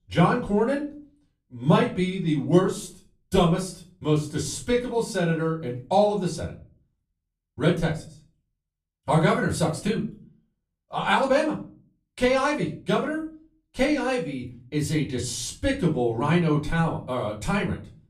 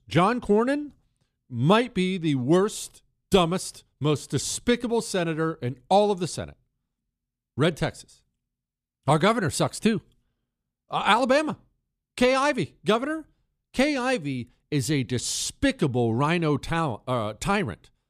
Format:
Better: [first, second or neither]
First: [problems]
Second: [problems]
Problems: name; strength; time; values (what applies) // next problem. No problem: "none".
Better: second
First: off-mic speech; far // room echo; slight; dies away in 0.3 s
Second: none